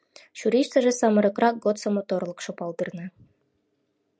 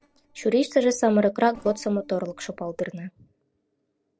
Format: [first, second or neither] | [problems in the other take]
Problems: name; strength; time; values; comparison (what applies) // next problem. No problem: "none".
first | noise reduction (neural separator model SepFormer DNS4)